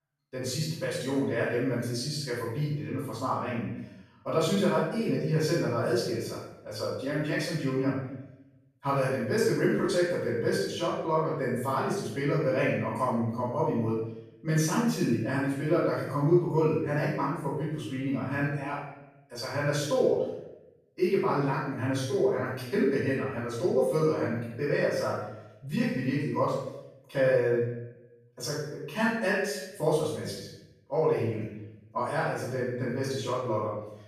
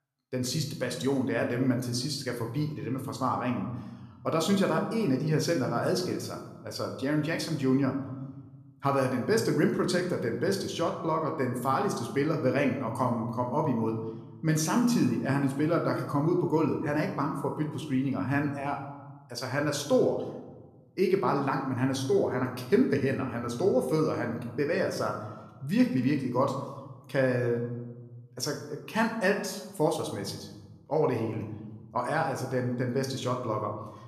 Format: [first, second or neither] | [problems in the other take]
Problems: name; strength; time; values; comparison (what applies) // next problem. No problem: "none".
second | room echo; strong; dies away in 0.8 s; slight in the second // off-mic speech; far